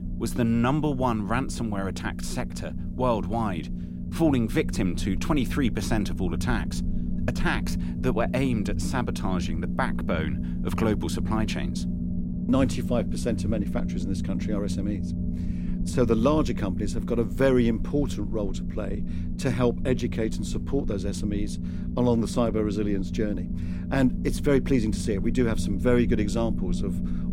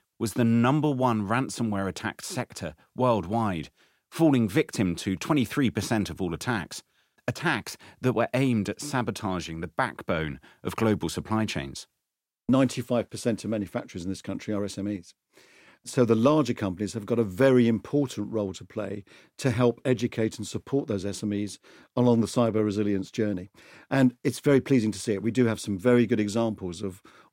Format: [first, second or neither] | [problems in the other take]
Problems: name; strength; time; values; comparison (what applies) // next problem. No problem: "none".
second | low rumble; noticeable; throughout; 10 dB below the speech